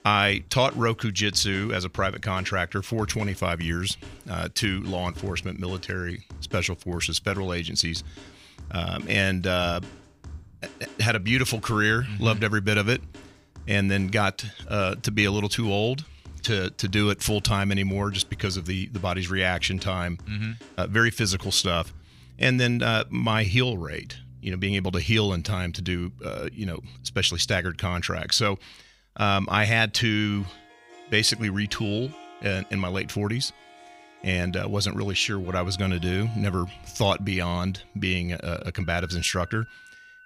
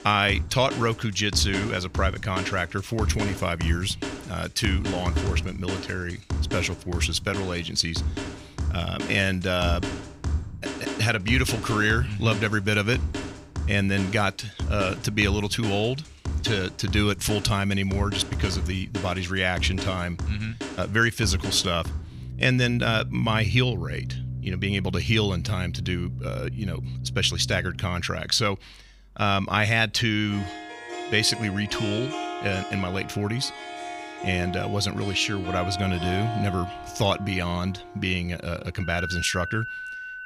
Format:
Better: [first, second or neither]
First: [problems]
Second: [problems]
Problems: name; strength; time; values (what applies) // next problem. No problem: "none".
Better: first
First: background music; faint; throughout; 20 dB below the speech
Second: background music; loud; throughout; 7 dB below the speech